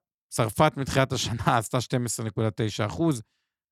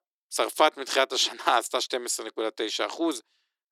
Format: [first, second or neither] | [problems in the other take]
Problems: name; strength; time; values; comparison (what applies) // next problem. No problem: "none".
first | thin; very; fading below 350 Hz